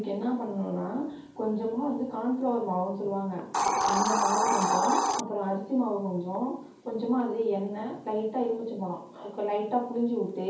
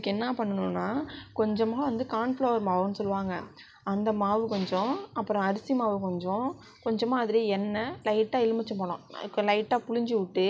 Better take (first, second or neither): second